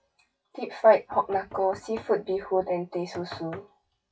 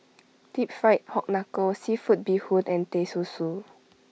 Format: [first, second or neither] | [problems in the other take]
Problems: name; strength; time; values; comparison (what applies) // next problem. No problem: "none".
second | noise reduction (classical method WPE with log-MMSE)